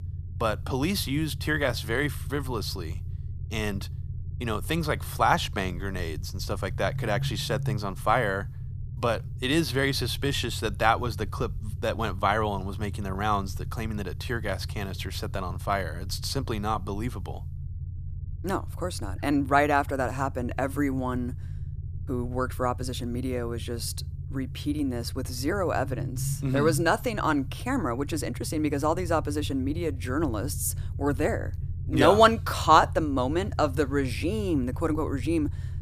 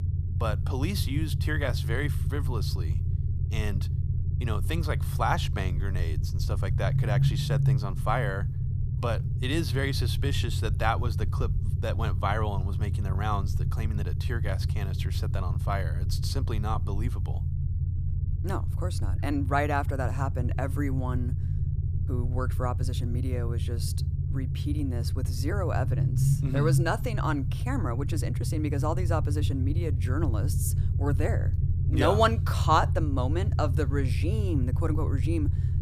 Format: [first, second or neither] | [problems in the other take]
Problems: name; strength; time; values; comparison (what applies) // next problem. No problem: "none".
first | low rumble; loud; throughout; 10 dB below the speech; faint in the first